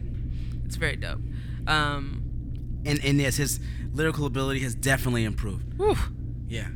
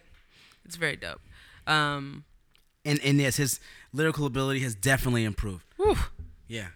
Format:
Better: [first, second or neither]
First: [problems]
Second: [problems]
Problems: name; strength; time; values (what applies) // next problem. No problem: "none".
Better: second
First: low rumble; noticeable; throughout; 20 dB below the speech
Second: none